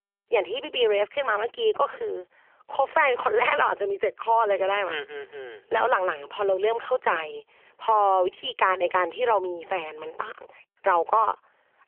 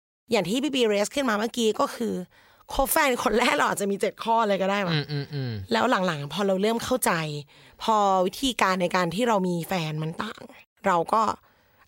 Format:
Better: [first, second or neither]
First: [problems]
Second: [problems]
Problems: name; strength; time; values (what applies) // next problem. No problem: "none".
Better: second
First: phone-call audio; nothing above 3 kHz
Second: none